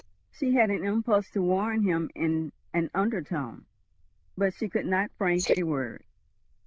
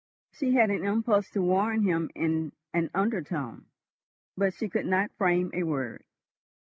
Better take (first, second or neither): second